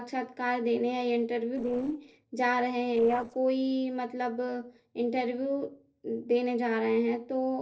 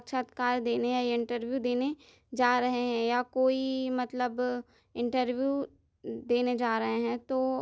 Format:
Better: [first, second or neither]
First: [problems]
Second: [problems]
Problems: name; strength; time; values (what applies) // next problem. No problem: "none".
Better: second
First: noise reduction (neural separator model SepFormer DNS4)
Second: none